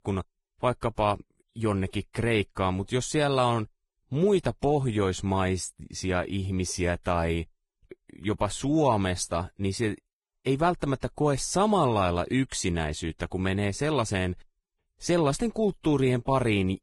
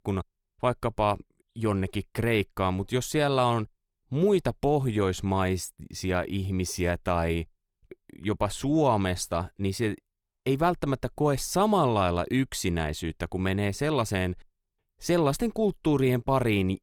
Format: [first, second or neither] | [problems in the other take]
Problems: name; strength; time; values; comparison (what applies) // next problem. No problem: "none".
second | garbled, watery; badly; nothing above 10.5 kHz